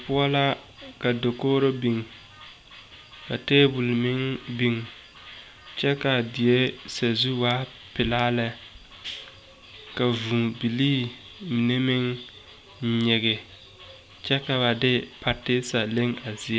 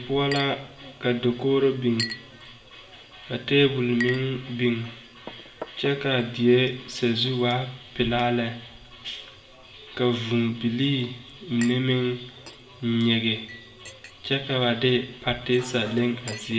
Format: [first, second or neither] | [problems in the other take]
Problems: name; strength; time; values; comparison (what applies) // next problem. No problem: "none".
first | background sound (Chink, clink); 17 dB below the speech // room echo; dies away in 0.7 s